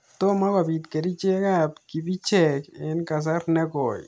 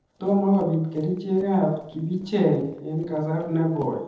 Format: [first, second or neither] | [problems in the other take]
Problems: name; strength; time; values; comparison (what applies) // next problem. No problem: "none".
first | noise reduction (neural separator model SepFormer DNS4)